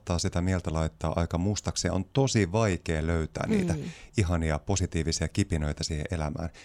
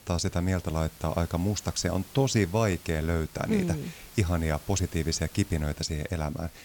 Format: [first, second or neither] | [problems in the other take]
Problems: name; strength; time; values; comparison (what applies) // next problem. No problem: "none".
first | hiss; noticeable; throughout; 20 dB below the speech